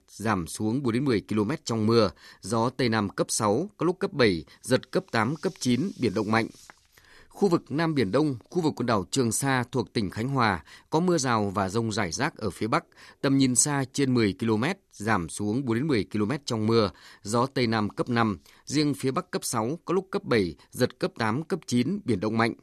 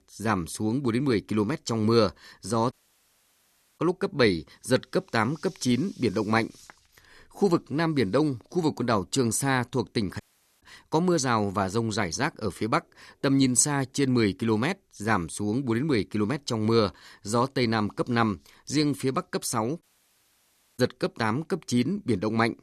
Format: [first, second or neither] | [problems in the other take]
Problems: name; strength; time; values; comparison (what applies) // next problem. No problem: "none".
first | audio cutting out; at 2.5 s for 1 s, at 10 s and at 20 s for 1 s